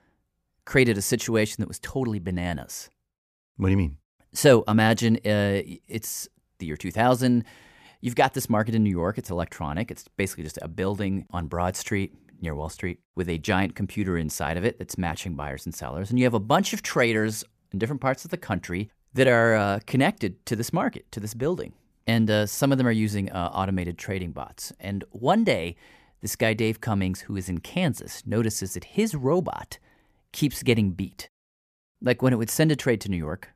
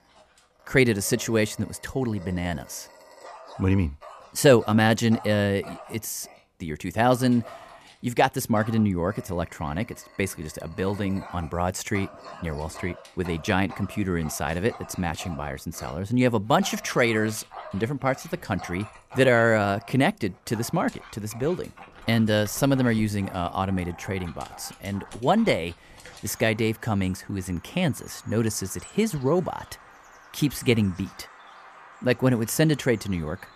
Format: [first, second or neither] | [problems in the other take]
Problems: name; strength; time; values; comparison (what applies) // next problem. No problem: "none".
first | animal sounds; noticeable; throughout; 20 dB below the speech